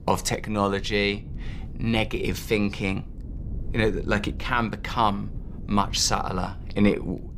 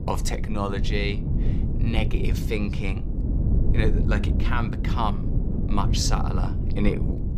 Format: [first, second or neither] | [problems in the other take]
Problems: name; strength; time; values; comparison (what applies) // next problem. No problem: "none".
first | low rumble; loud; throughout; 7 dB below the speech; faint in the first